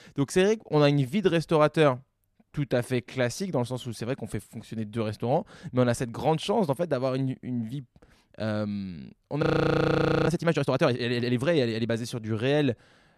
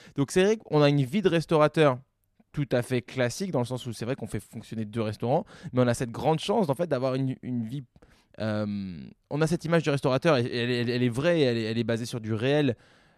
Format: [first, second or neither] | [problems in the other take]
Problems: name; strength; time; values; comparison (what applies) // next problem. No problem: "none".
second | audio freezing; at 9.5 s for 1 s